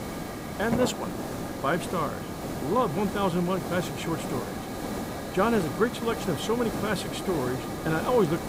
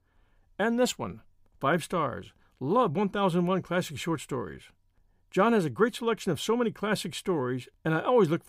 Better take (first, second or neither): second